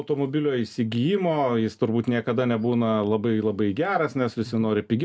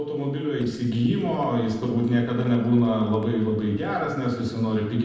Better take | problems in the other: first | noise reduction (neural separator model SepFormer DNS4)

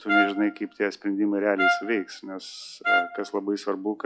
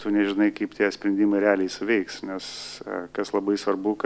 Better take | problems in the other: second | noise reduction (classical method log-MMSE)

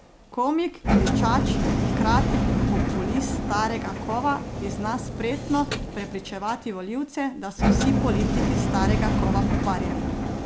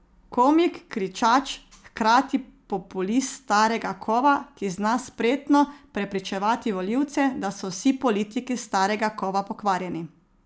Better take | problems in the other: second | background sound (Engine); 4 dB above the speech

